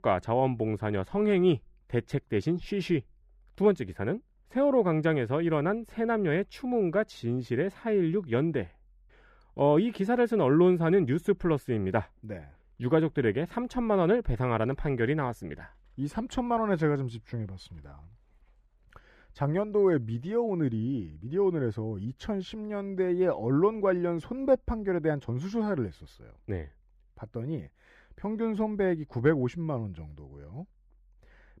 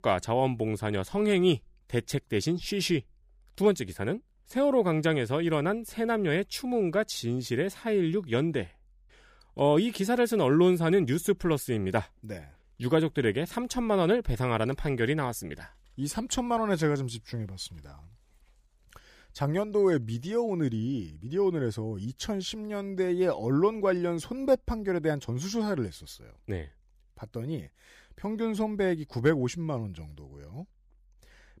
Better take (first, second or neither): second